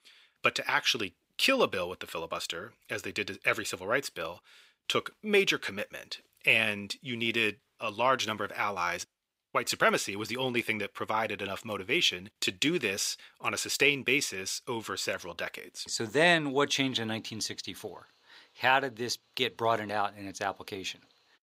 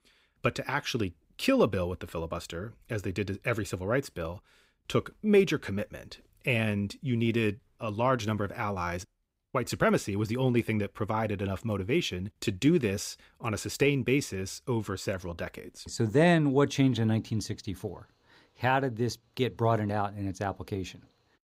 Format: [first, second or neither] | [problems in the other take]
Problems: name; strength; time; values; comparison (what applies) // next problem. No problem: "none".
second | thin; somewhat; fading below 900 Hz